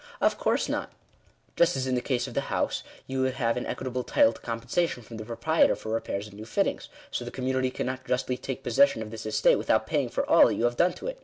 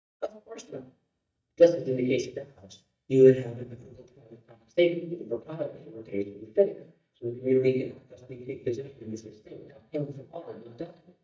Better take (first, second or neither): first